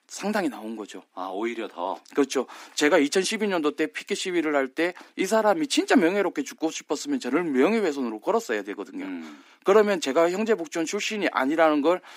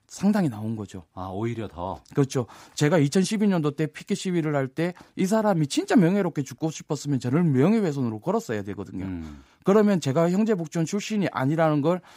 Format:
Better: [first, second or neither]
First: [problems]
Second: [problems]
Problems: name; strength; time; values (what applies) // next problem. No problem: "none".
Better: second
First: thin; somewhat; fading below 250 Hz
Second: none